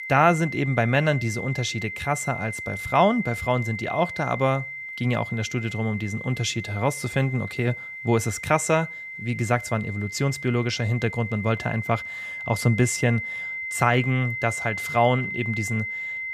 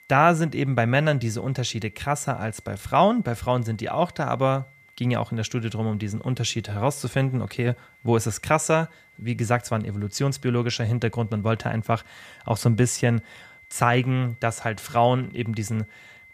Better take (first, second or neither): second